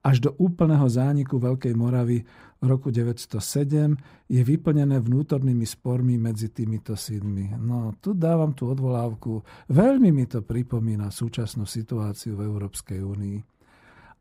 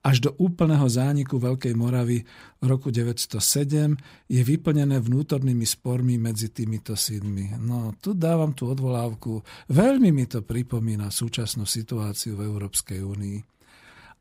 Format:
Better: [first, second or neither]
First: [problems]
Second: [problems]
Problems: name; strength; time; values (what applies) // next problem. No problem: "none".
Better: second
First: muffled; slightly; fading above 2 kHz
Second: none